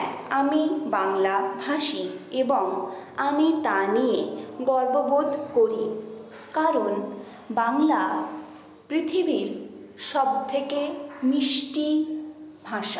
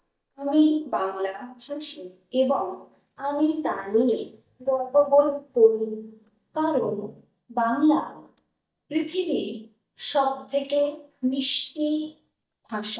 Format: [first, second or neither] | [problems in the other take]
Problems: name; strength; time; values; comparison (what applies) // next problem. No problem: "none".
first | noise reduction (neural mask model DeepFilterNet 3)